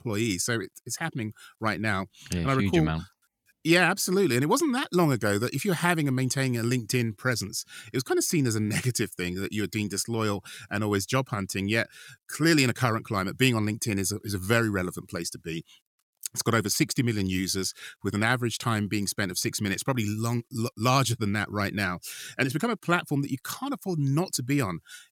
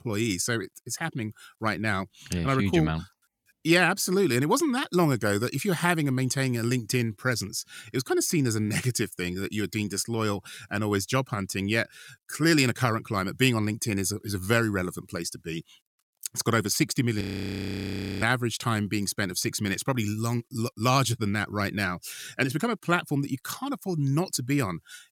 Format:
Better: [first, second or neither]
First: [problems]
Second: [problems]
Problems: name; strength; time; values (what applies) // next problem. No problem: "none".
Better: first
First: none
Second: audio freezing; at 17 s for 1 s